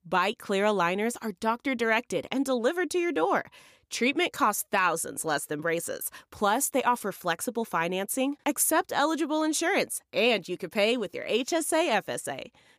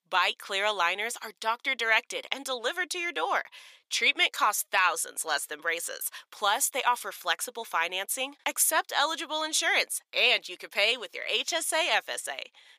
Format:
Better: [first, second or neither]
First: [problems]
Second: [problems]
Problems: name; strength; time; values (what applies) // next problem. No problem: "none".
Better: first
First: none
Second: thin; very; fading below 750 Hz